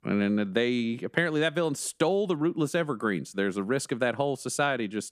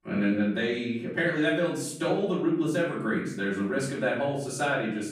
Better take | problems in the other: first | off-mic speech; far // room echo; noticeable; dies away in 0.6 s

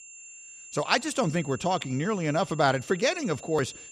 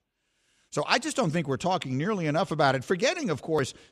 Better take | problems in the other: second | high-pitched whine; noticeable; throughout; 7 kHz, 15 dB below the speech

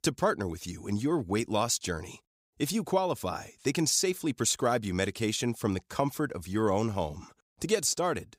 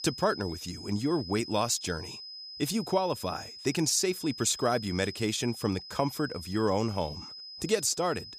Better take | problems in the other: first | high-pitched whine; noticeable; throughout; 5 kHz, 10 dB below the speech

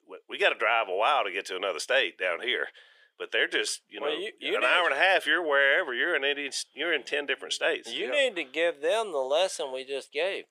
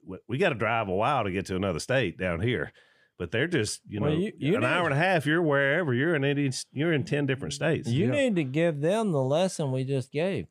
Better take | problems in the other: second | thin; very; fading below 450 Hz

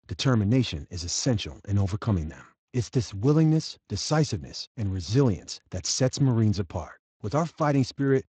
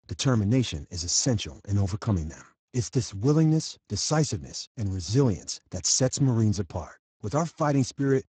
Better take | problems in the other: first | garbled, watery; badly; nothing above 7.5 kHz; slightly in the first

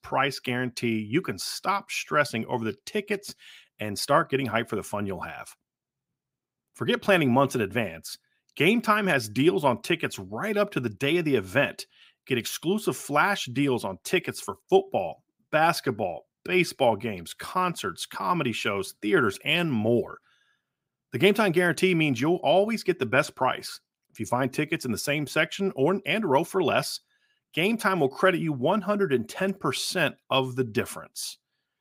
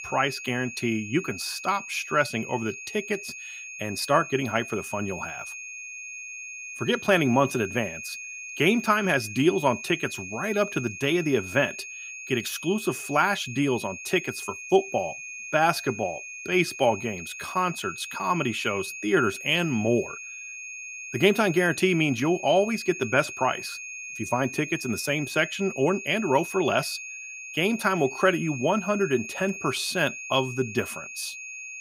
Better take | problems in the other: first | high-pitched whine; noticeable; throughout; 2.5 kHz, 10 dB below the speech

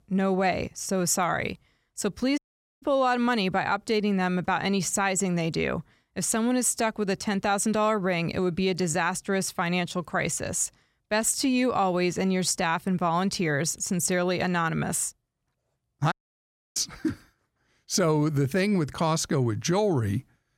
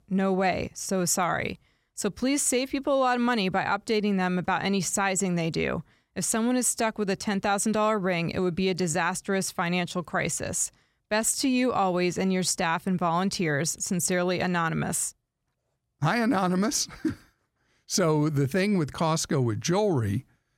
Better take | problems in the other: second | audio cutting out; at 2.5 s and at 16 s for 0.5 s

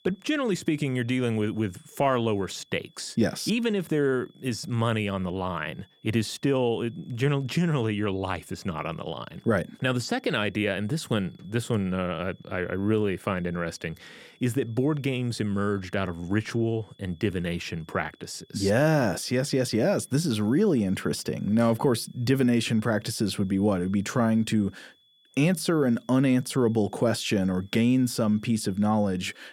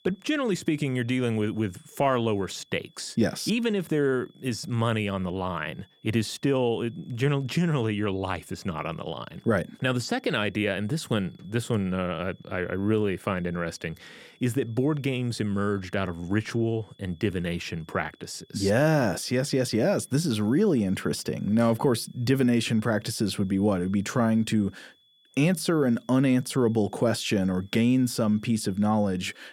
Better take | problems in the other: neither | high-pitched whine; faint; throughout; 3.5 kHz, 35 dB below the speech; the same in both

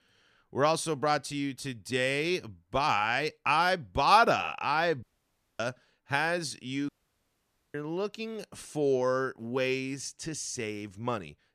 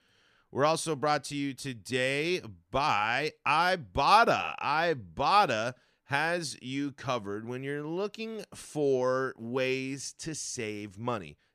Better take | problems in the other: second | audio cutting out; at 5 s for 0.5 s and at 7 s for 1 s

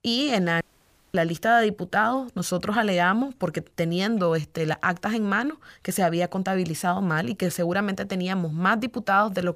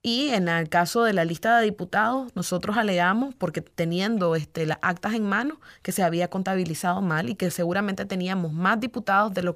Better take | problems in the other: second | audio cutting out; at 0.5 s for 0.5 s

